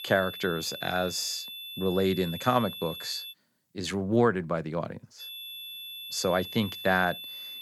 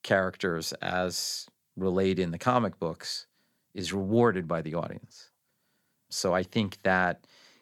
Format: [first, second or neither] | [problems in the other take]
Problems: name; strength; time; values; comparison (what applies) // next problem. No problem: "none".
second | high-pitched whine; loud; until 3.5 s and from 5 s on; 3.5 kHz, 9 dB below the speech